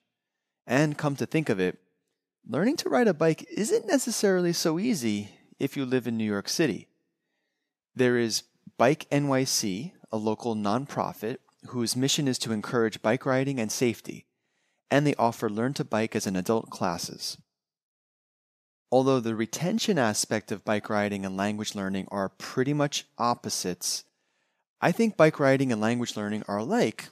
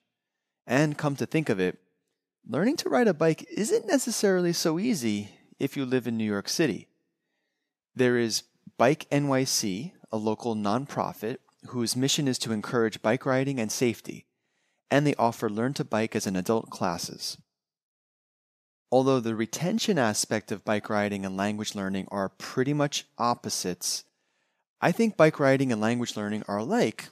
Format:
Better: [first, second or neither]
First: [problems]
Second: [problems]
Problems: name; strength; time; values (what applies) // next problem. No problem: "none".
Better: neither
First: none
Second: none